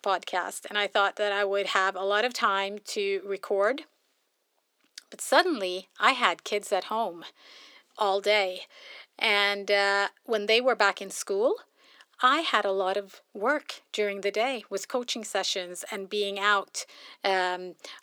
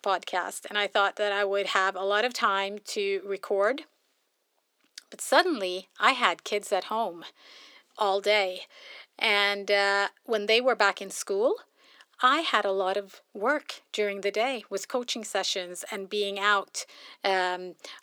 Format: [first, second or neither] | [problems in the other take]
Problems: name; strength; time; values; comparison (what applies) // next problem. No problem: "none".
neither | thin; very; fading below 400 Hz; the same in both